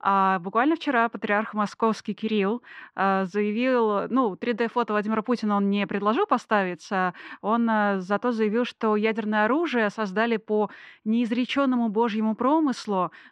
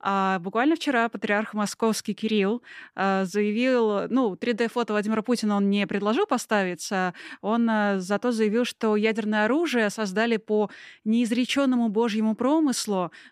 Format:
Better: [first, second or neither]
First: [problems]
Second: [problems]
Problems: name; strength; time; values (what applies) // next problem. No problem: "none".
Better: second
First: muffled; slightly; fading above 3.5 kHz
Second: none